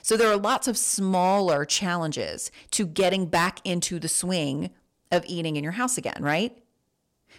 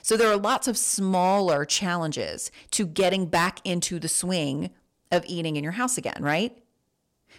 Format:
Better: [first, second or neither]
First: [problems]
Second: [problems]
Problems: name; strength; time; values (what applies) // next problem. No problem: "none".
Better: neither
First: distortion; slight; 4% of the sound clipped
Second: distortion; slight; 4% of the sound clipped